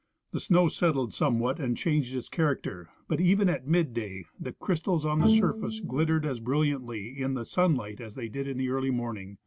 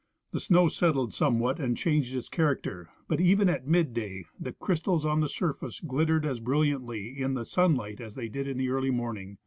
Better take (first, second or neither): second